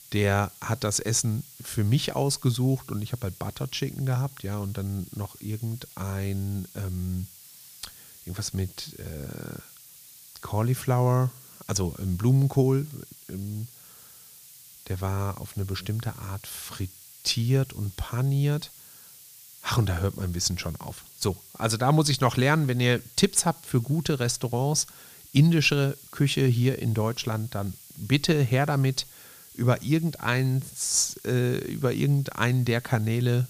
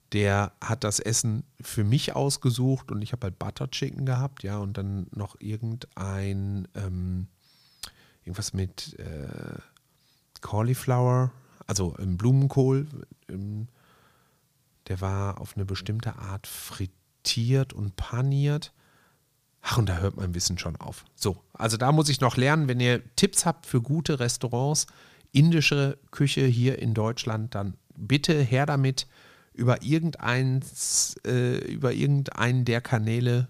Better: second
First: hiss; noticeable; throughout; 20 dB below the speech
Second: none

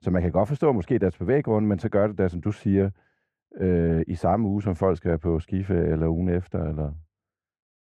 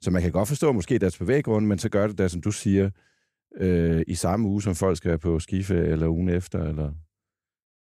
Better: second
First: muffled; very; fading above 3.5 kHz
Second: none

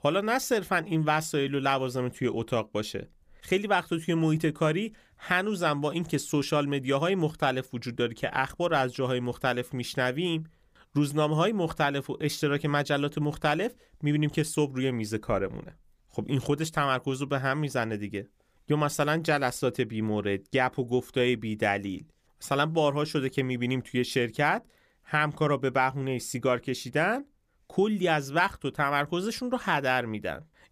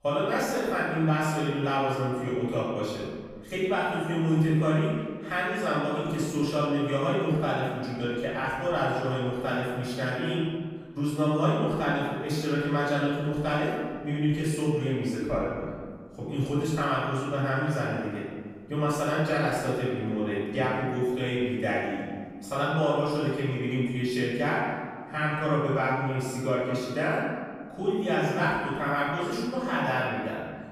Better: first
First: none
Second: room echo; strong; dies away in 1.5 s // off-mic speech; far

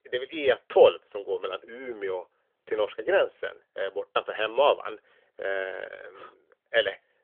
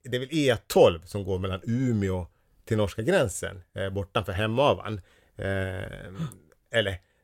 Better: second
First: phone-call audio; nothing above 3.5 kHz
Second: none

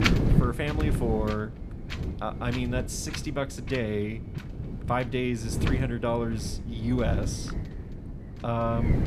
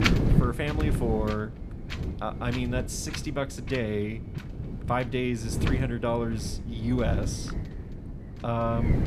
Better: neither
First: wind noise on the microphone; heavy; 7 dB below the speech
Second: wind noise on the microphone; heavy; 7 dB below the speech

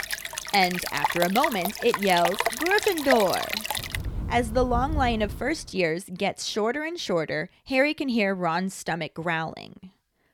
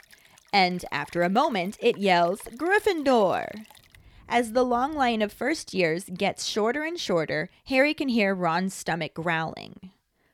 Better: second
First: rain or running water; loud; until 5.5 s; 3 dB below the speech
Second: rain or running water; faint; until 5.5 s; 25 dB below the speech

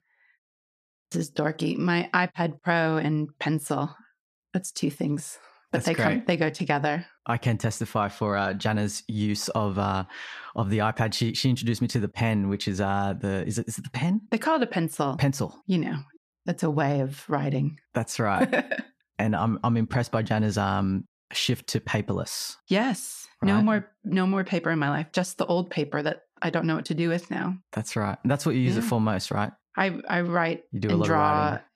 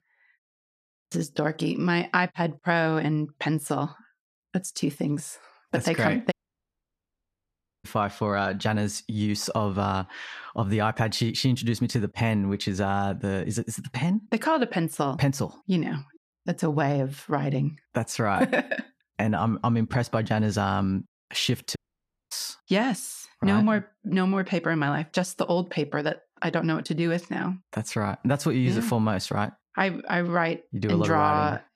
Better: first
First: none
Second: audio cutting out; at 6.5 s for 1.5 s and at 22 s for 0.5 s

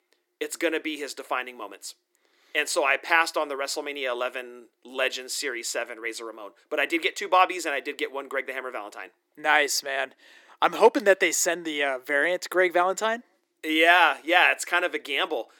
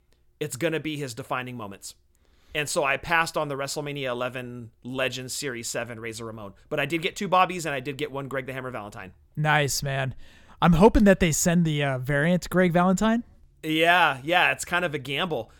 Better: second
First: thin; very; fading below 300 Hz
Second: none

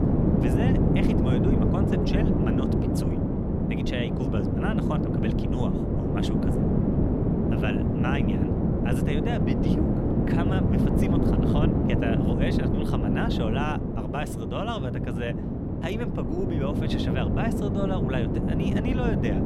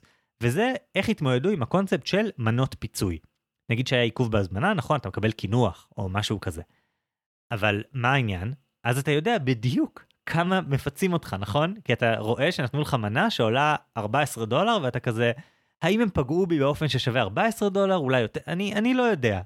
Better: second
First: wind noise on the microphone; heavy; 3 dB above the speech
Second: none

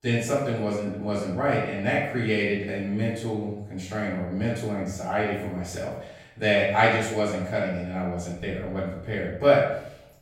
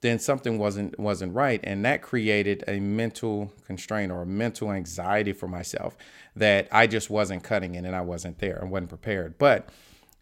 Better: second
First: off-mic speech; far // room echo; noticeable; dies away in 0.7 s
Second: none

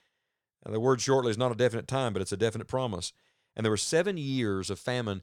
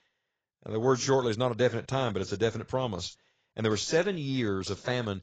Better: first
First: none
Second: garbled, watery; badly; nothing above 7.5 kHz

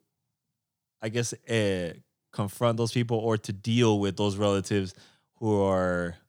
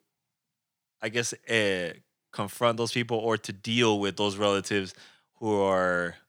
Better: first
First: none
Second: thin; very slightly; fading below 550 Hz

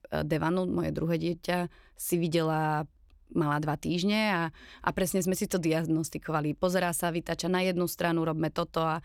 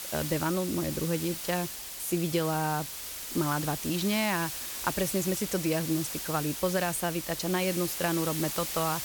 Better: first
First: none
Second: hiss; loud; throughout; 4 dB below the speech

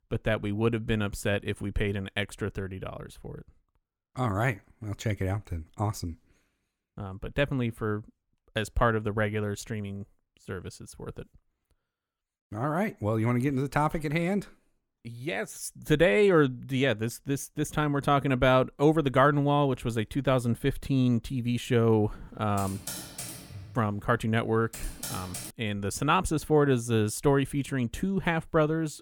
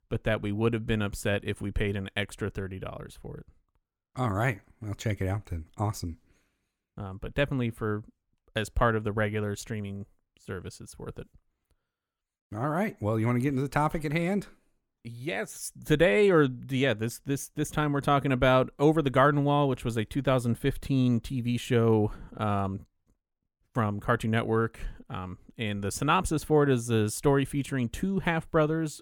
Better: second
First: keyboard typing; noticeable; from 23 to 26 s; peak 8 dB below the speech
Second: none

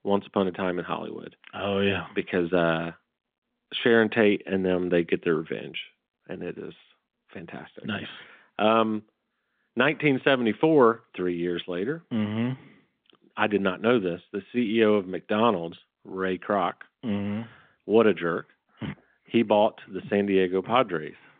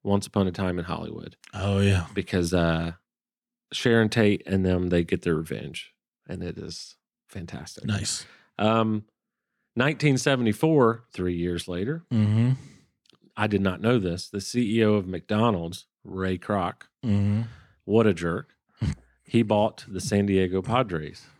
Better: second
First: phone-call audio; nothing above 3.5 kHz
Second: none

